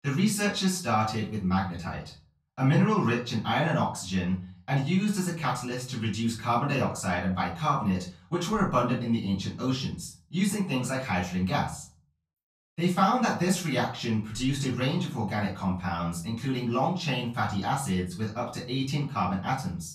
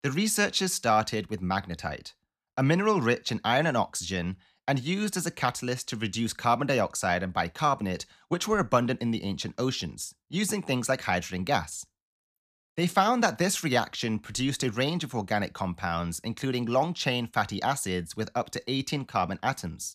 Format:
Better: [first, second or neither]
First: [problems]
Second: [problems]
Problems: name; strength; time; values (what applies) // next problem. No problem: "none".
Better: second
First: off-mic speech; far // room echo; slight; dies away in 0.4 s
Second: none